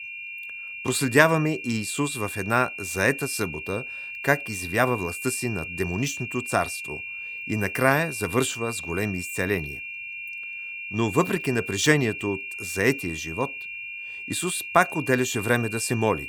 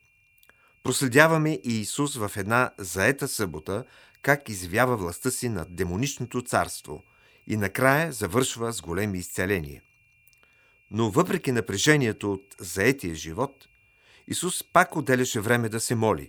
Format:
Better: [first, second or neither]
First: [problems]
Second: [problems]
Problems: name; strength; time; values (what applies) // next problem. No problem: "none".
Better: second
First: high-pitched whine; loud; throughout; 2.5 kHz, 8 dB below the speech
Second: high-pitched whine; faint; throughout; 2.5 kHz, 35 dB below the speech